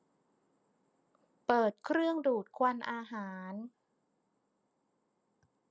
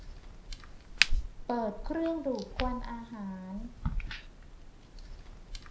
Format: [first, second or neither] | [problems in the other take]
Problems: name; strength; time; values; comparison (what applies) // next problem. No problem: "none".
first | background sound (Crack); 3 dB above the speech // room echo; dies away in 0.5 s